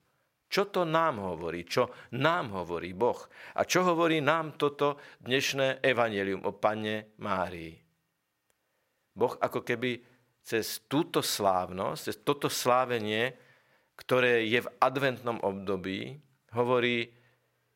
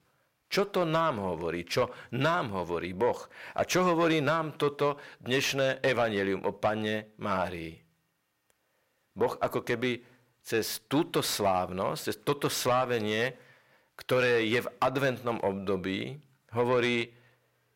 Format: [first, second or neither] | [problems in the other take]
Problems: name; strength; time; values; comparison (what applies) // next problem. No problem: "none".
first | distortion; slight; 10 dB below the speech